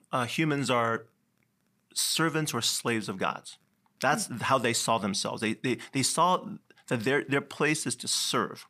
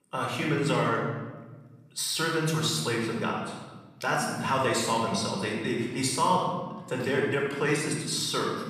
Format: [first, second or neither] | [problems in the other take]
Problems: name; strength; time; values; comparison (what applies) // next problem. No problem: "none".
first | off-mic speech; somewhat distant // room echo; noticeable; dies away in 1.3 s